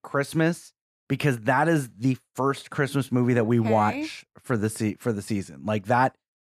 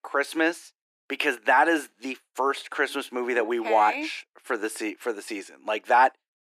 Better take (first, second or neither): first